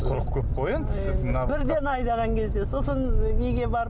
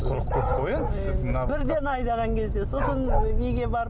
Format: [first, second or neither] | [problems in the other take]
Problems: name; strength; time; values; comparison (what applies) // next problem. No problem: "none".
first | background sound (Bark); 10 dB below the speech